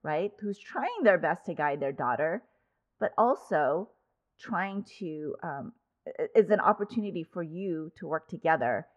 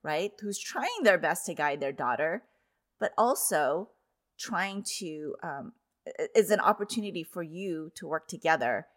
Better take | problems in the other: second | muffled; very; fading above 1.5 kHz

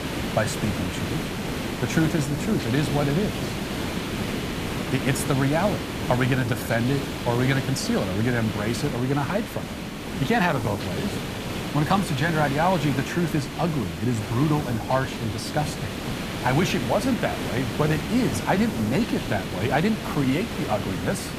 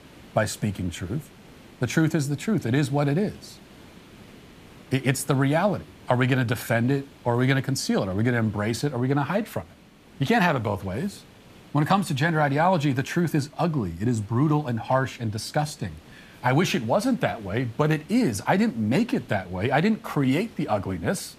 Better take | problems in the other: second | hiss; loud; throughout; 4 dB below the speech; faint in the second

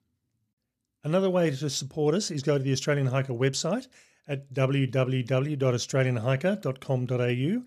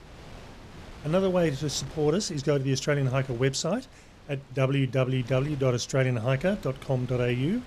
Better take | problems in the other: first | wind noise on the microphone; occasional gusts; 20 dB below the speech

